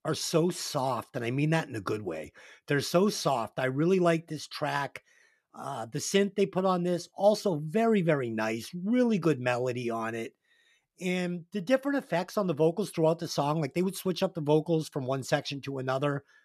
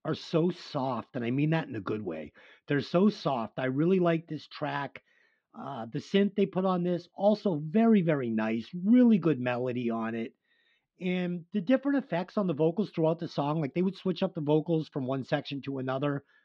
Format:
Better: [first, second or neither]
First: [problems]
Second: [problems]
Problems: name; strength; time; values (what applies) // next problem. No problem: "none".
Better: first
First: none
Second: muffled; slightly; fading above 4 kHz